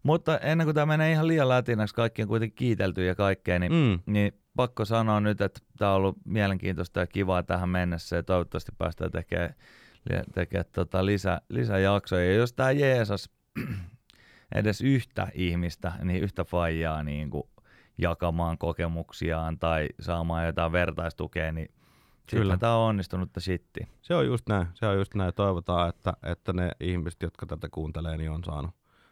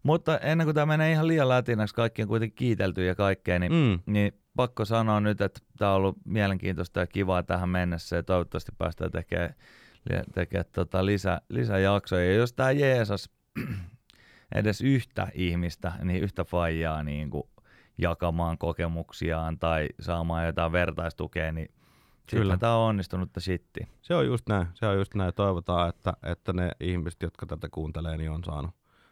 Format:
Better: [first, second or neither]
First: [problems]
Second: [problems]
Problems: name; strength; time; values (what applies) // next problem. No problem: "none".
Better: neither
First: none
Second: none